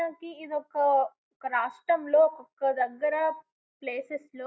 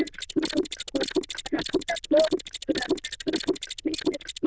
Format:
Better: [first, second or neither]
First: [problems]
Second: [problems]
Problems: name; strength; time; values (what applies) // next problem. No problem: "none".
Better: first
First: none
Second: noise reduction (neural diffusion model UNIVERSE++)